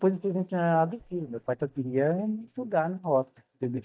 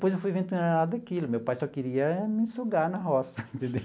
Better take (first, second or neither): second